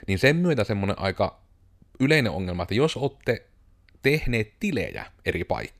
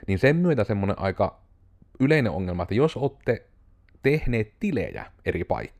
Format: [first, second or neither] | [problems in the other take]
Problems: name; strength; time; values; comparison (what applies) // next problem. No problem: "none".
first | muffled; slightly; fading above 2.5 kHz